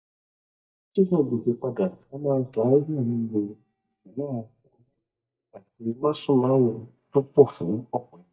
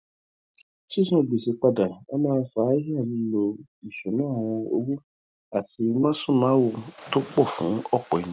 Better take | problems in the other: second | noise reduction (neural mask model DeepFilterNet 3)

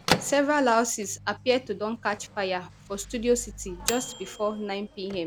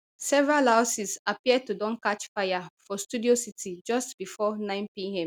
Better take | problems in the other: second | background sound (Microwave oven / Bell); 8 dB below the speech

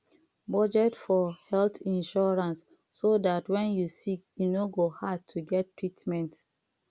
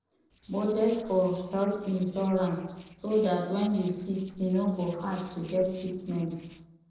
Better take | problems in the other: first | noise reduction (neural separator model SepFormer DNS4)

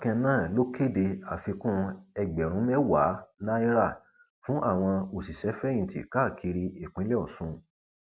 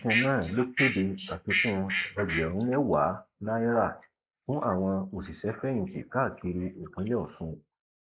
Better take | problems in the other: first | noise reduction (neural mask model Resemble Enhance denoiser)

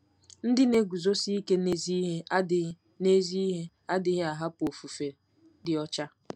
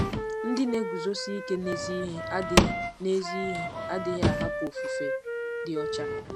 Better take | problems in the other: first | background sound (Drawer open or close / Wood + Wind instrument, woodwind instrument); 2 dB above the speech

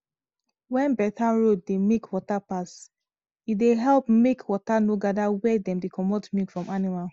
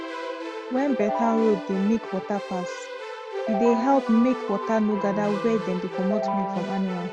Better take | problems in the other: first | background sound (Keyboard (musical)); 5 dB below the speech

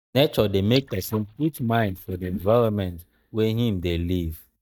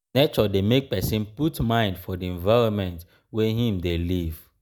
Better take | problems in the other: second | noise reduction (neural mask model DeepFilterNet 3)

